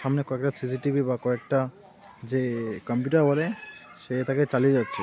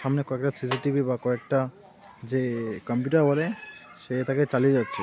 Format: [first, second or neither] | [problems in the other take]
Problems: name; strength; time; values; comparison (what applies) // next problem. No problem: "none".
first | background sound (Snare drum); 13 dB below the speech